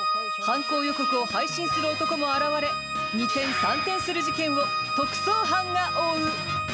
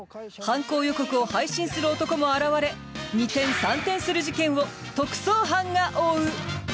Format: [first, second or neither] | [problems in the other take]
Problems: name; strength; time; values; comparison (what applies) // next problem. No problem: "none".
second | background sound (Organ); 1 dB above the speech